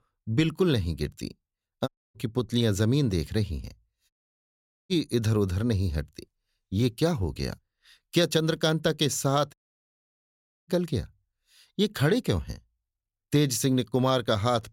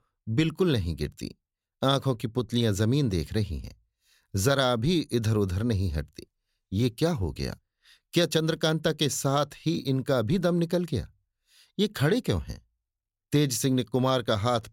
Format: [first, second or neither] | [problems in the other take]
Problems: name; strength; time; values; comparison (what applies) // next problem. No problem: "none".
second | audio cutting out; at 2 s, at 4 s for 1 s and at 9.5 s for 1 s